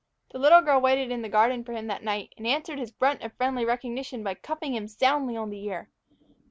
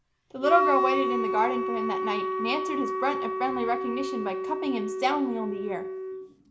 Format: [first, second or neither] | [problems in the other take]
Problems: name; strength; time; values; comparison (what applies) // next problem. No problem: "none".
first | background sound (Wind instrument, woodwind instrument); as loud as the speech // room echo; dies away in 0.4 s